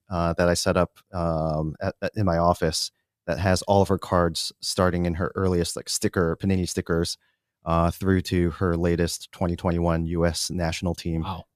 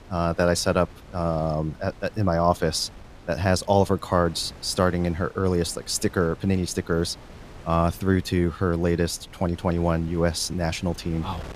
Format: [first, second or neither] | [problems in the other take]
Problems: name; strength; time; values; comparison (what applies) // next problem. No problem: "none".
first | wind noise on the microphone; occasional gusts; 20 dB below the speech